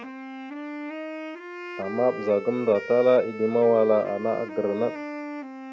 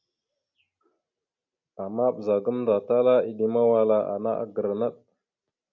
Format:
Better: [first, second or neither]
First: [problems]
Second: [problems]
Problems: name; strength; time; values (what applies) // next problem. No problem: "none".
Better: second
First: background sound (Wind instrument, woodwind instrument); 11 dB below the speech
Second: none